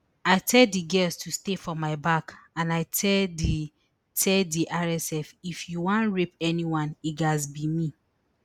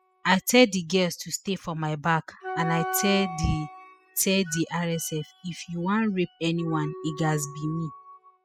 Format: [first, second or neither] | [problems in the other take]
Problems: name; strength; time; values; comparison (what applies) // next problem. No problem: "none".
first | noise reduction (classical method spectral subtraction)